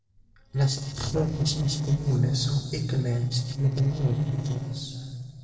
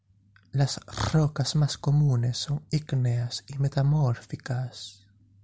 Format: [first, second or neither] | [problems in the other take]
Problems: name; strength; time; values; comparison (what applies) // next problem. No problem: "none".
second | noise reduction (neural separator model SepFormer DNS4)